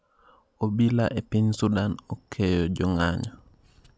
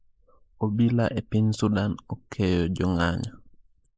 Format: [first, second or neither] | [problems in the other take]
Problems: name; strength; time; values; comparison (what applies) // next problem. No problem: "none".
first | noise reduction (neural mask model Resemble Enhance denoiser)